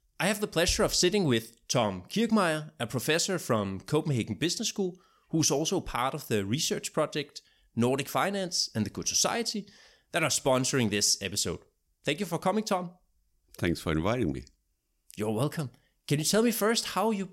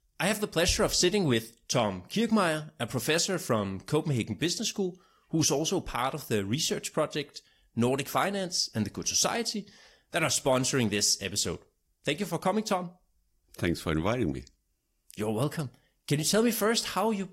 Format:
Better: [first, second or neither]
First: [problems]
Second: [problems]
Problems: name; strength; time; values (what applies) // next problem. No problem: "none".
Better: first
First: none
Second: garbled, watery; slightly; nothing above 16 kHz